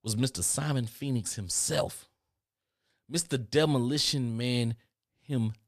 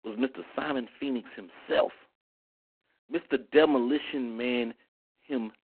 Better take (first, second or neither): first